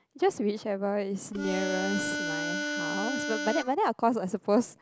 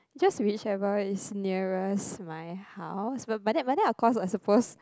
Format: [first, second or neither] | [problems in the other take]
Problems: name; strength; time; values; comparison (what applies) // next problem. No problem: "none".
second | background sound (Harmonica); 3 dB below the speech